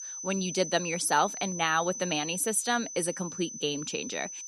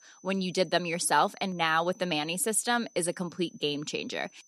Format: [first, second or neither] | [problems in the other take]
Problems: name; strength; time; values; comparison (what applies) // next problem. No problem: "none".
second | high-pitched whine; loud; throughout; 6 kHz, 7 dB below the speech; faint in the second